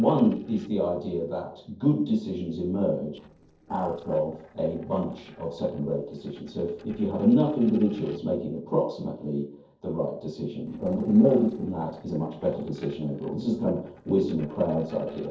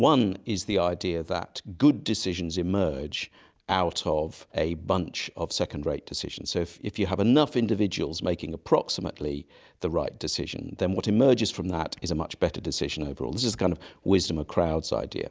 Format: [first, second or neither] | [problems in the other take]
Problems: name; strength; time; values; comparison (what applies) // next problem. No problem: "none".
second | noise reduction (neural separator model SepFormer DNS4)